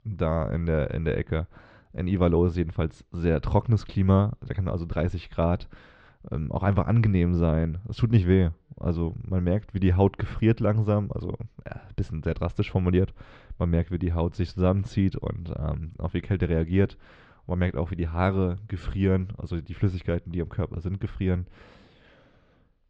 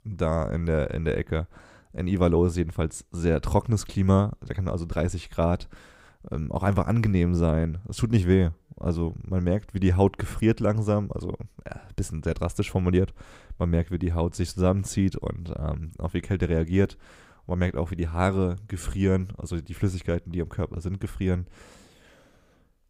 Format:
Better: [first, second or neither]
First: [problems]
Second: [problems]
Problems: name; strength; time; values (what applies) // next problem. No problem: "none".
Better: second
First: muffled; slightly; fading above 4.5 kHz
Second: none